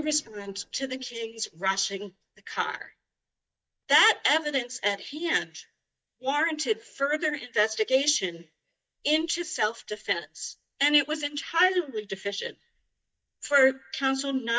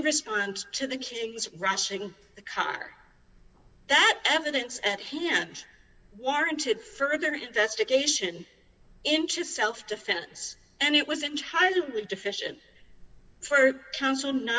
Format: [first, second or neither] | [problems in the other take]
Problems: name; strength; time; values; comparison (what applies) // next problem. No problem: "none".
second | noise reduction (neural mask model DeepFilterNet 3)